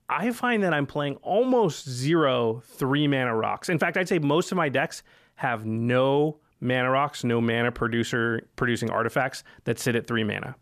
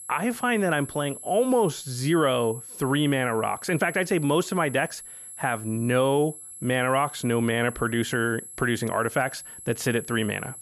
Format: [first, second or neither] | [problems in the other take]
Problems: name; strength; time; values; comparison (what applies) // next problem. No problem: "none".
first | high-pitched whine; noticeable; throughout; 11 kHz, 15 dB below the speech